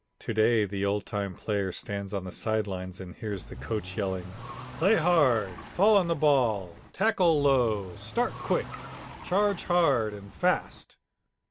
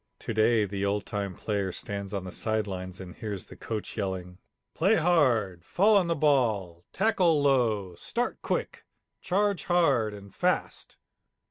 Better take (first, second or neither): second